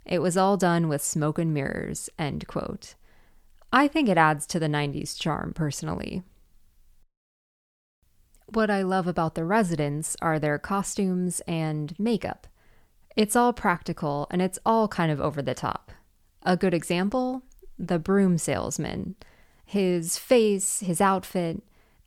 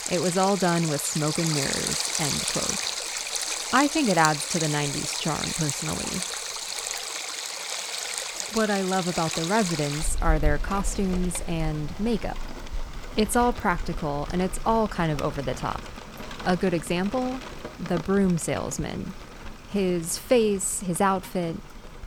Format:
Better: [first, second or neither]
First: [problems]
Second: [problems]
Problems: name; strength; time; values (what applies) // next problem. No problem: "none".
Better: first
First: none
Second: rain or running water; loud; throughout; 4 dB below the speech